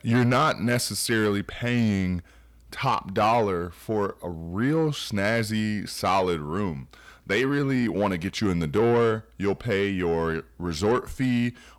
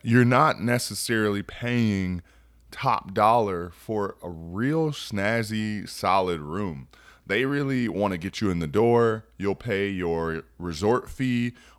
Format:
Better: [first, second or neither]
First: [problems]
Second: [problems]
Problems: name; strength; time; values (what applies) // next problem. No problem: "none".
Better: second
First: distortion; slight; 10 dB below the speech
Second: none